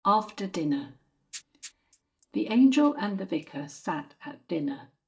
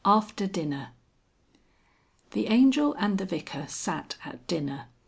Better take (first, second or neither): second